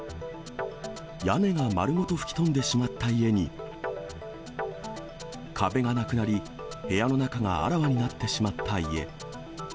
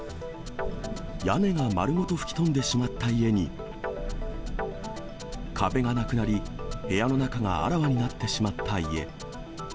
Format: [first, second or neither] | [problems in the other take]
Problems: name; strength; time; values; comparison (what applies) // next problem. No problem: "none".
first | background sound (Thunder); 9 dB below the speech